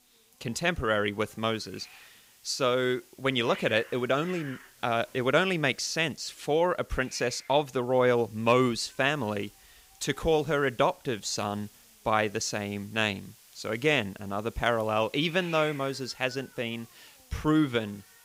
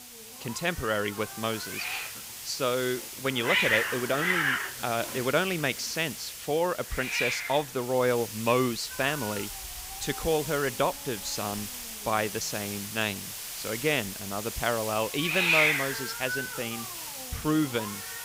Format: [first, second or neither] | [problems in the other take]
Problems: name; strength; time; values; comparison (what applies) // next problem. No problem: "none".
first | hiss; loud; throughout; 2 dB below the speech; faint in the first